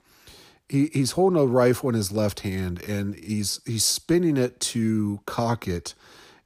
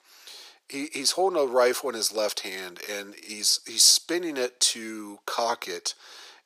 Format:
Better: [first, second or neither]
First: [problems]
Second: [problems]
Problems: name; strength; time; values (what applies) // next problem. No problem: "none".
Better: first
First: none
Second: thin; very; fading below 450 Hz